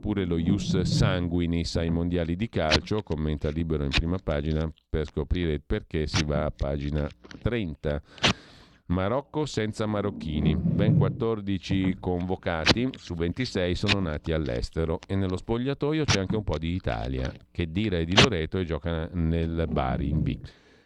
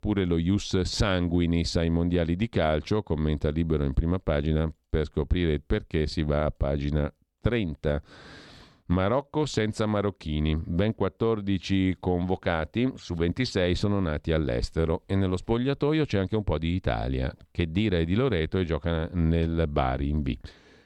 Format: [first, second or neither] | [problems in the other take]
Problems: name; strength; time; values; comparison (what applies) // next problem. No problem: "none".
second | household noises; very loud; throughout; 1 dB above the speech